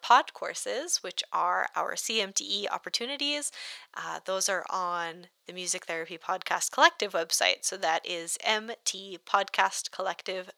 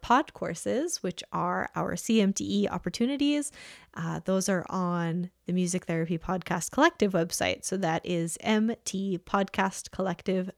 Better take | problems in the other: second | thin; very; fading below 800 Hz

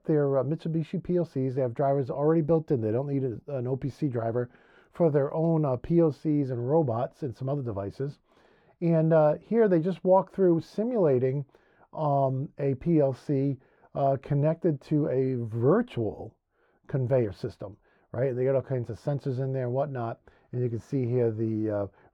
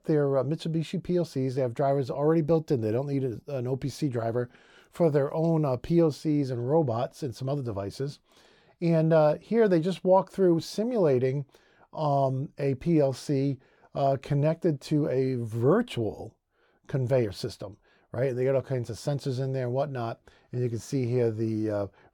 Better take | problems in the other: second | muffled; slightly; fading above 3 kHz

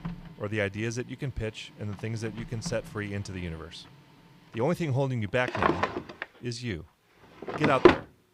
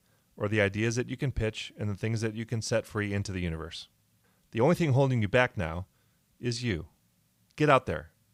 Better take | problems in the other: second | household noises; very loud; throughout; 4 dB above the speech

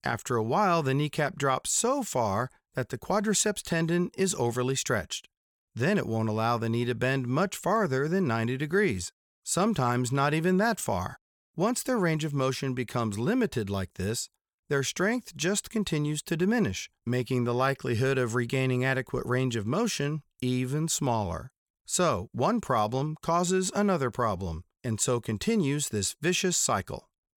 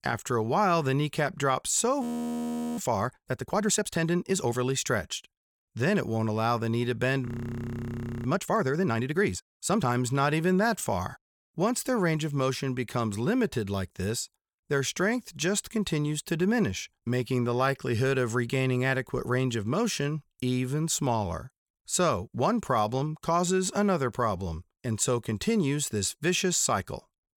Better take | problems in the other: first | audio freezing; at 2 s for 1 s and at 7.5 s for 1 s

